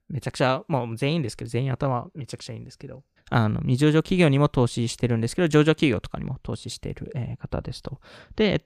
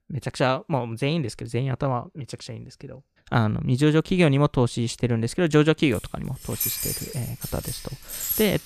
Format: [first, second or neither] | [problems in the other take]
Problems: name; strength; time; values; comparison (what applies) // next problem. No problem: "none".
first | jangling keys; noticeable; from 6 s on; peak level with the speech